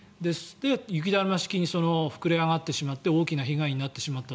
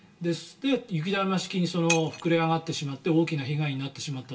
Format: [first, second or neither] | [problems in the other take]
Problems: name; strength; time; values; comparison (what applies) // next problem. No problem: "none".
first | background sound (Shatter); 13 dB below the speech // room echo; dies away in 0.2 s